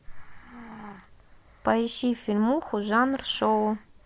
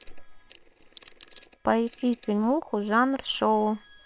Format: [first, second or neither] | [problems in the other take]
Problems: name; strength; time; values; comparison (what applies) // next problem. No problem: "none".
first | noise reduction (neural separator model SepFormer WHAM!)